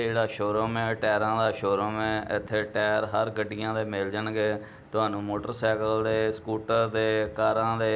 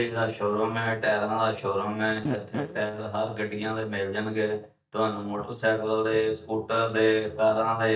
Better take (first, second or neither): first